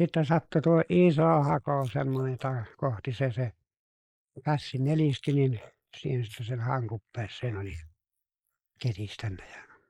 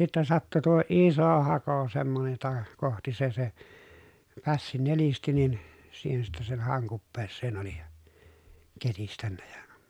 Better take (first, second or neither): second